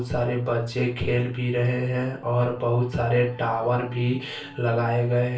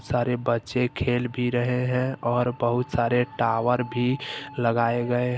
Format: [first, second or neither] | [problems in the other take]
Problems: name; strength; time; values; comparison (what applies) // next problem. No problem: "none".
second | room echo; dies away in 0.3 s